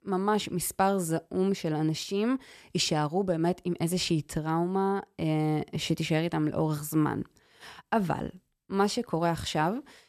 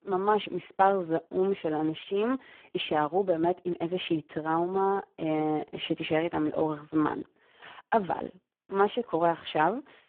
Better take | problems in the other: first | phone-call audio; poor line

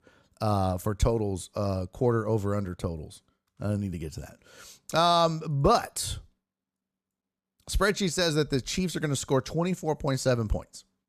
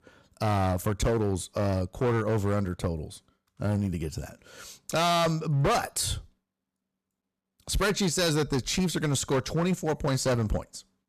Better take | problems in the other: first | distortion; heavy; 11% of the sound clipped

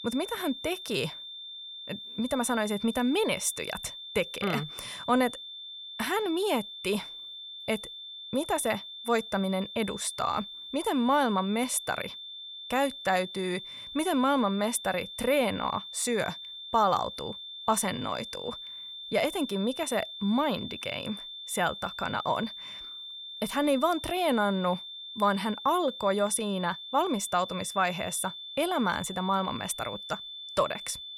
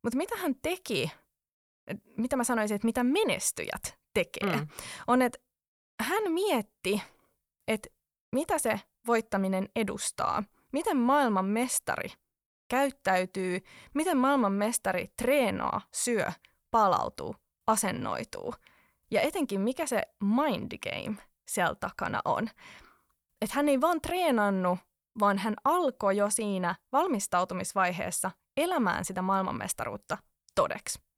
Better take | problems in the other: second | high-pitched whine; loud; throughout; 3.5 kHz, 10 dB below the speech

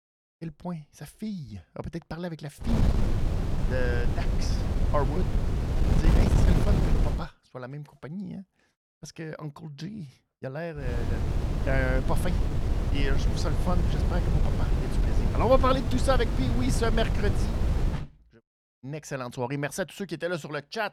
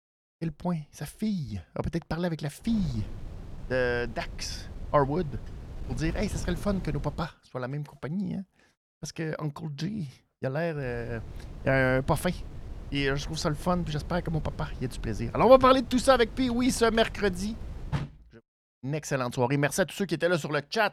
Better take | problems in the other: second | wind noise on the microphone; heavy; from 2.5 to 7 s and from 11 to 18 s; 5 dB below the speech; occasional gusts in the second

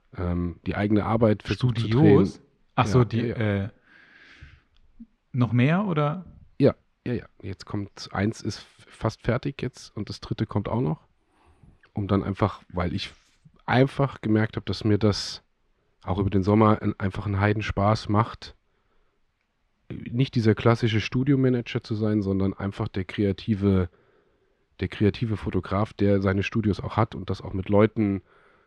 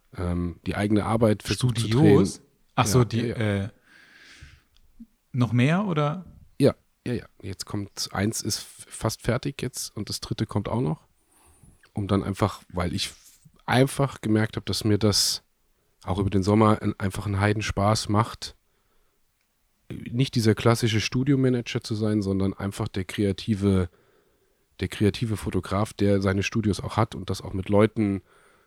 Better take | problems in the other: second | muffled; slightly; fading above 3 kHz

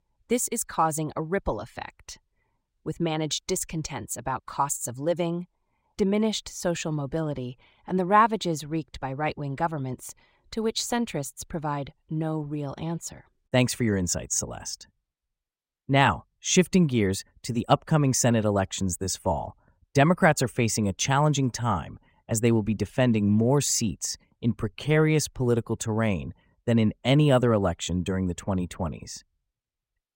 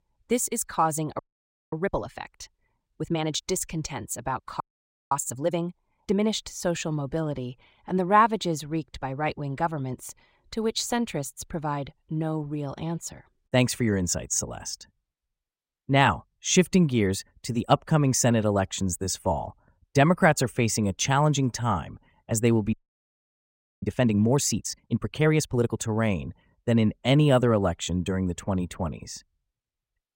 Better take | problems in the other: first | audio freezing; at 1 s for 0.5 s, at 4.5 s for 0.5 s and at 23 s for 1 s

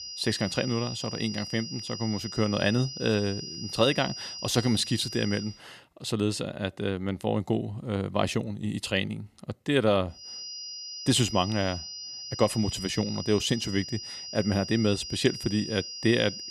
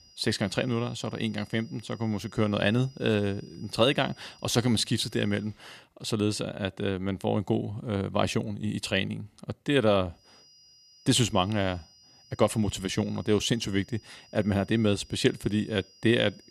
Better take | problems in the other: second | high-pitched whine; loud; until 5.5 s and from 10 s on; 5 kHz, 8 dB below the speech; faint in the second

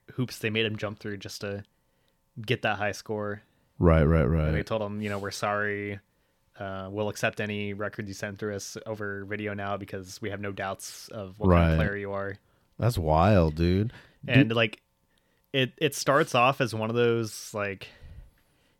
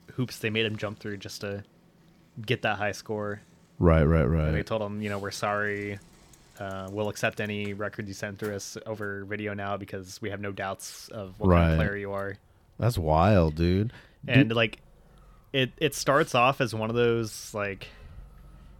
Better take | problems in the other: first | traffic noise; faint; throughout; 30 dB below the speech

